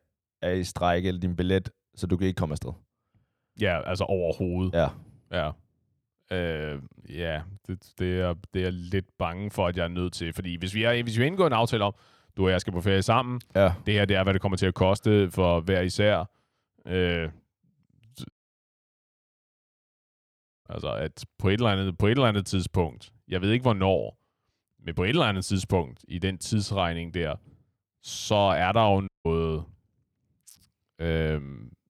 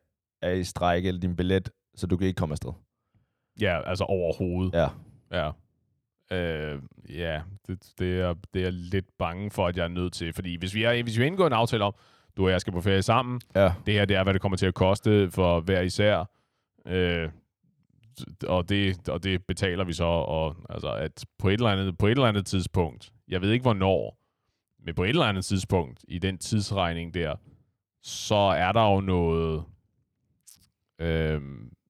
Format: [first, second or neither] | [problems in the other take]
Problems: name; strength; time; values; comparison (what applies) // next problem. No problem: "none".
second | audio cutting out; at 18 s for 2.5 s and at 29 s